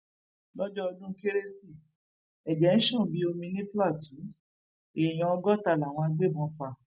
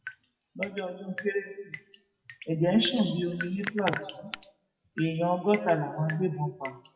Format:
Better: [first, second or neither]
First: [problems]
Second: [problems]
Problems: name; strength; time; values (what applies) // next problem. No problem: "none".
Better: first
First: none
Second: noise reduction (classical method WPE with log-MMSE)